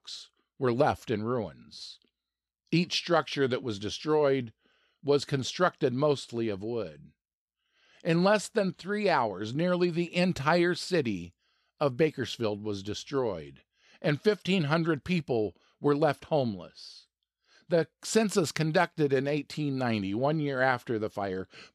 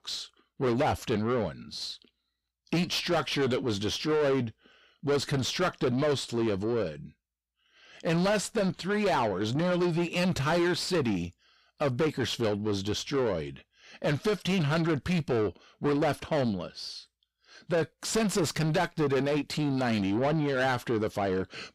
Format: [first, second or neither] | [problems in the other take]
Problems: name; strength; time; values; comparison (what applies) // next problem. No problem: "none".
first | distortion; heavy; 6 dB below the speech